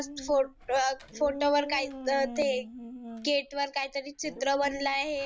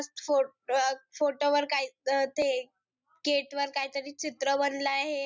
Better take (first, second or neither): second